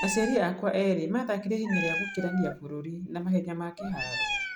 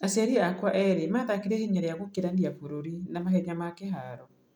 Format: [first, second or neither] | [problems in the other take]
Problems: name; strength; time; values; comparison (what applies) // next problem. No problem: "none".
second | background sound (Meow); 7 dB below the speech